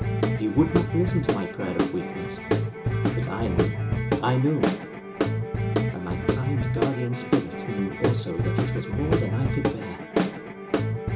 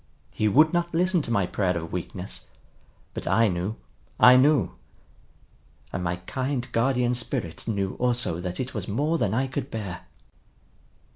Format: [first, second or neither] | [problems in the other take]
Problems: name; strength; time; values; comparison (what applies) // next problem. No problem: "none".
second | background sound (Guitar / Drum); 3 dB above the speech // room echo; dies away in 0.2 s